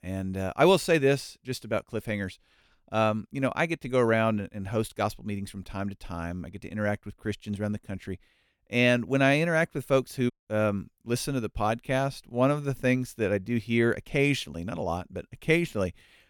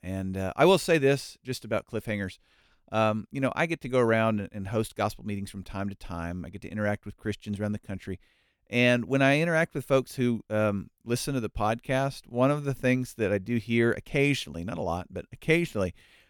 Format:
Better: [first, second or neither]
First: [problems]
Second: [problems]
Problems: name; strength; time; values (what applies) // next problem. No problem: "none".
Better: second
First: audio cutting out; at 10 s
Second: none